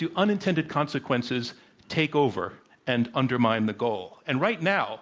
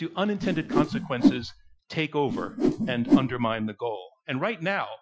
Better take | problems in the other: first | noise reduction (classical method Wiener filter)

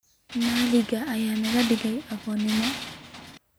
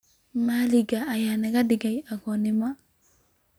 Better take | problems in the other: second | background sound (Tools); 8 dB below the speech

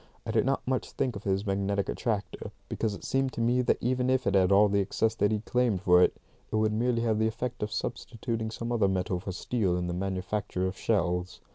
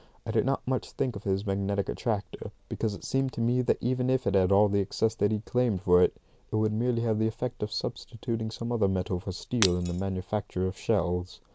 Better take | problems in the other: first | background sound (Shatter); 6 dB below the speech

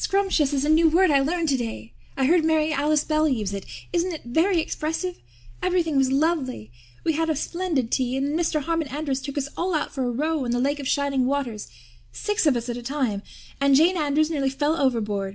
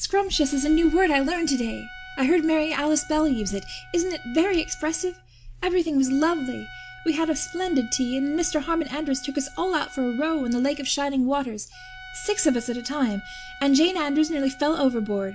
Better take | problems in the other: first | background sound (Trumpet); 19 dB below the speech

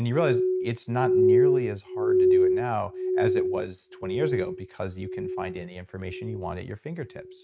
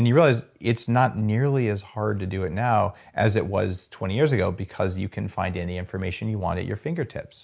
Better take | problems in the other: second | noise reduction (neural mask model RNNoise)

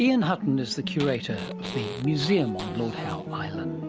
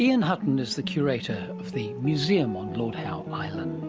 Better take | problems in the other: second | background sound (Fart); 15 dB below the speech

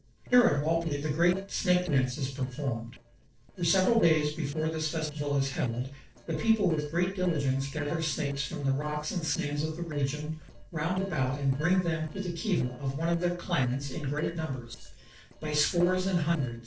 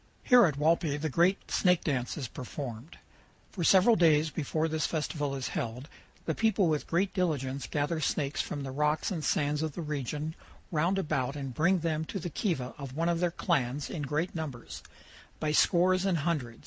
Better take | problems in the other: second | noise reduction (neural separator model SepFormer DNS4)

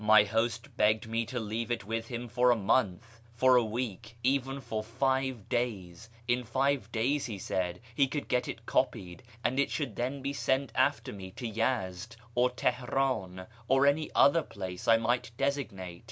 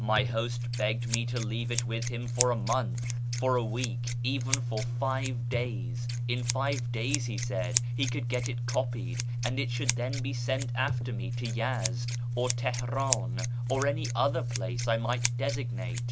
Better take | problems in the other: first | background sound (Scissors); 3 dB above the speech

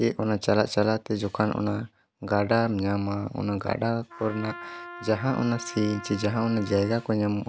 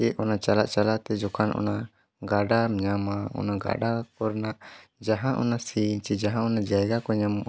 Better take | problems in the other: second | background sound (Trumpet); 15 dB below the speech

